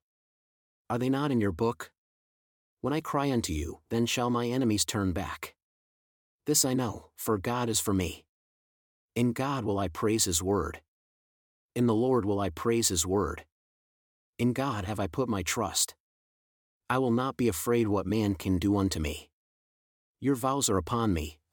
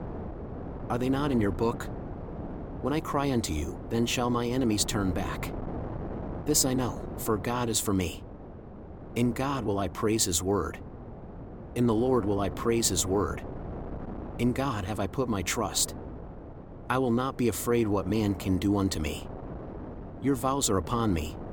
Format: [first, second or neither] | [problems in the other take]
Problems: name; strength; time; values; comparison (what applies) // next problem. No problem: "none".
first | wind noise on the microphone; occasional gusts; 15 dB below the speech